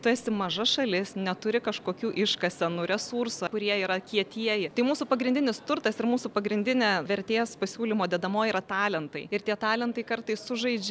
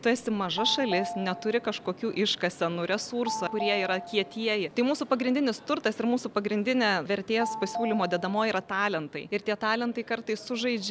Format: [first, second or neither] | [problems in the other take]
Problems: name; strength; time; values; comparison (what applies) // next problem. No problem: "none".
first | background sound (Telephone); 10 dB below the speech